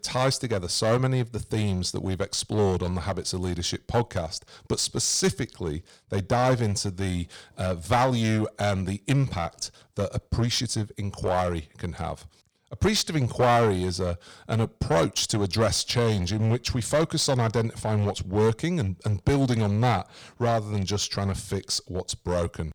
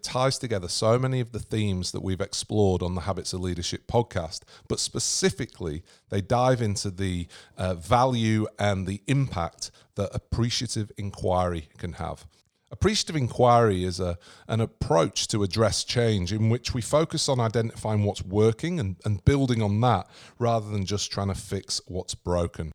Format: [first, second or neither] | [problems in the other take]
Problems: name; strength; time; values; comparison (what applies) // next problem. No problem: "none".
second | distortion; slight; 7% of the sound clipped